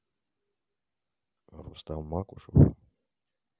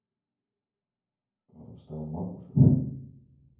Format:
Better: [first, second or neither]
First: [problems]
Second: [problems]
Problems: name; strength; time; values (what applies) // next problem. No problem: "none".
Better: first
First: none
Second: room echo; dies away in 0.9 s